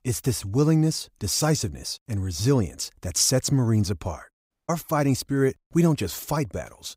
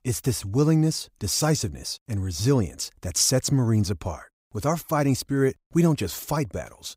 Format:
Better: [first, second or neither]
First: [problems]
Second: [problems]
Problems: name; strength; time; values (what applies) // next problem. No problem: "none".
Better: second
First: audio cutting out; at 4.5 s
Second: none